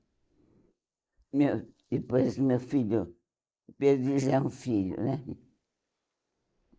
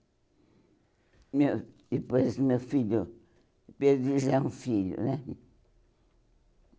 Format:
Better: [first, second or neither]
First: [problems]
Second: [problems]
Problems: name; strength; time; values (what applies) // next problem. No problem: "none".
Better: second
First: noise reduction (neural mask model Resemble Enhance denoiser)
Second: none